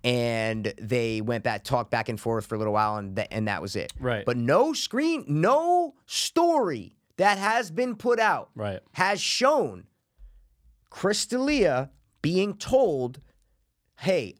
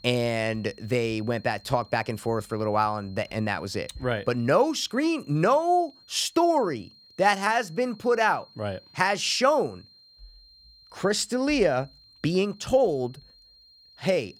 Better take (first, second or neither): first